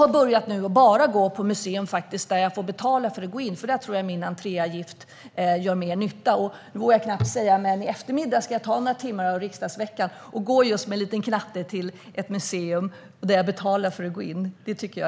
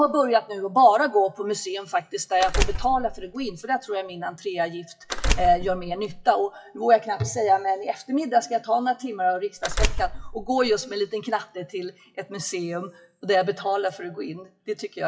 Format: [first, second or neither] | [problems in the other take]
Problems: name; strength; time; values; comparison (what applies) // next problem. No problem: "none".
first | noise reduction (classical method WPE with log-MMSE)